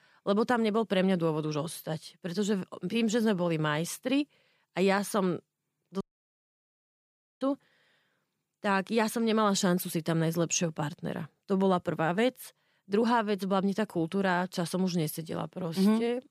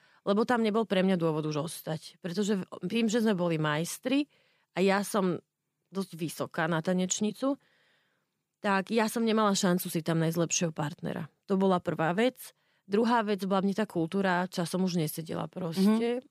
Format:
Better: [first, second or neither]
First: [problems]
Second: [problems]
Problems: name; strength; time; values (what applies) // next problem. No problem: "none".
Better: second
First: audio cutting out; at 6 s for 1.5 s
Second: none